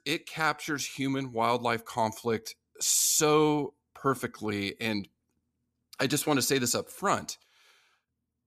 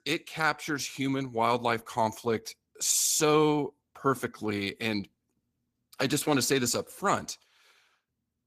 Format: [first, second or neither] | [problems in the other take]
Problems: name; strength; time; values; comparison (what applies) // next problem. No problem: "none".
first | garbled, watery; slightly; nothing above 14.5 kHz